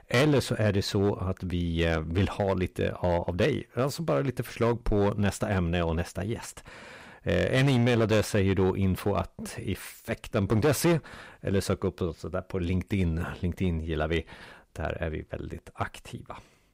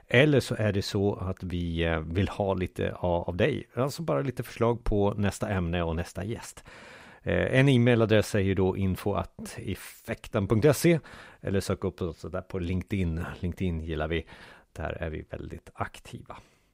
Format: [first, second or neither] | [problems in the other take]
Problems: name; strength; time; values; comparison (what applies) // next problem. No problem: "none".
second | distortion; slight; 5% of the sound clipped